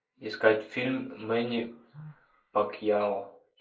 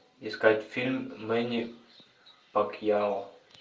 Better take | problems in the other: second | noise reduction (neural mask model Resemble Enhance denoiser)

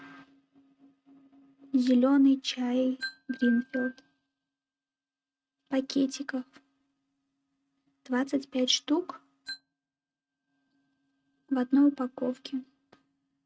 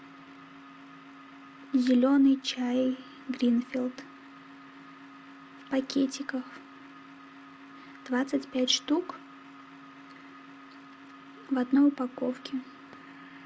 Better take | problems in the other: second | noise reduction (neural mask model RNNoise)

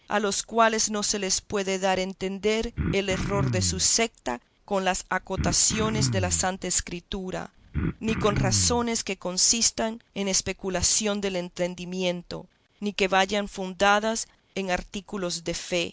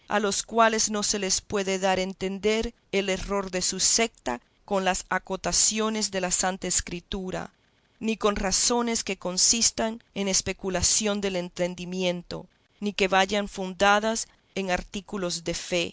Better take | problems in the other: second | background sound (Cough); 3 dB below the speech

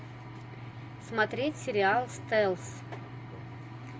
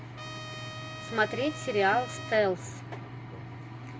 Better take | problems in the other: first | background sound (Trumpet); 12 dB below the speech

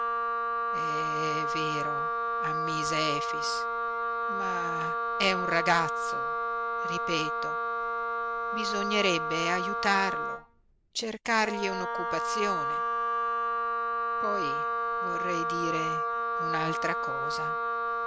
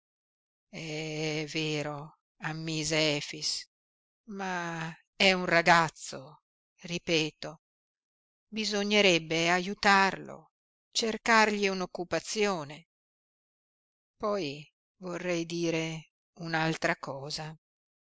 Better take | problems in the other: second | background sound (Wind instrument, woodwind instrument); 4 dB above the speech

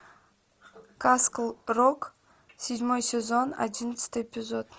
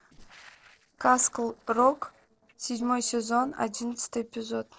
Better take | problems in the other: first | noise reduction (neural separator model SepFormer DNS4)

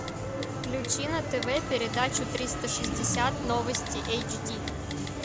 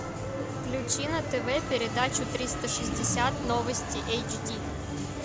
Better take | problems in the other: second | background sound (Typing); 16 dB below the speech

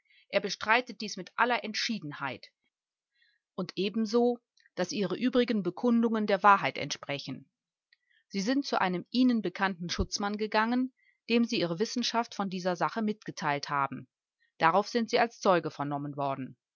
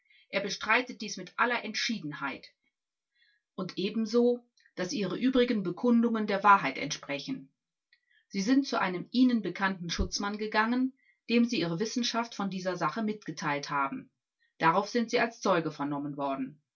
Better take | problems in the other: first | room echo; dies away in 0.2 s

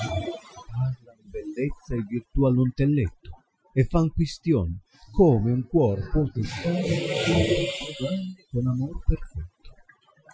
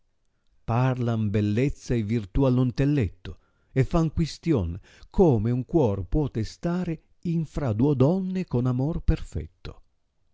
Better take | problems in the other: second | noise reduction (classical method Wiener filter)

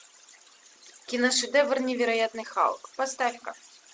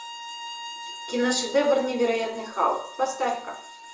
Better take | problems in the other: first | background sound (Bowed string instrument); 13 dB below the speech // room echo; dies away in 0.5 s

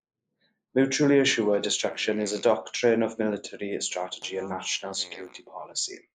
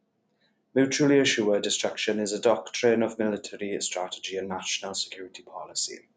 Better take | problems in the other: second | noise reduction (neural mask model Resemble Enhance denoiser)

